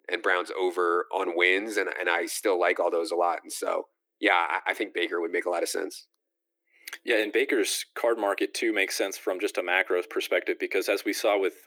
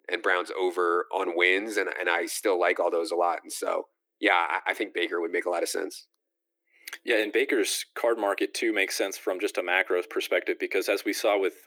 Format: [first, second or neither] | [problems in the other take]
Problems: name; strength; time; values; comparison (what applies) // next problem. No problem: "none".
neither | thin; very; fading below 300 Hz; the same in both